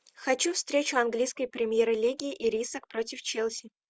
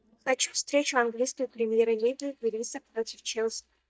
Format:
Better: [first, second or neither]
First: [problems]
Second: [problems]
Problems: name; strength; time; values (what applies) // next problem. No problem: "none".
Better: first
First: none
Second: noise reduction (neural mask model DeepFilterNet 3)